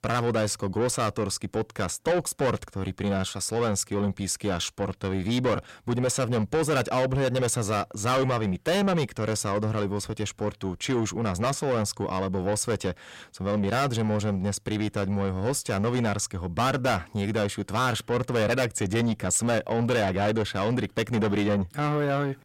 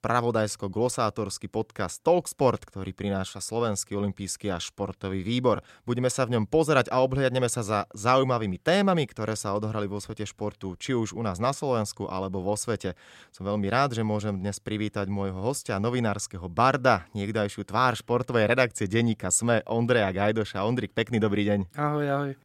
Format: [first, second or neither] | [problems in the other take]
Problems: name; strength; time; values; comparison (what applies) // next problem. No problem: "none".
second | distortion; heavy; 7 dB below the speech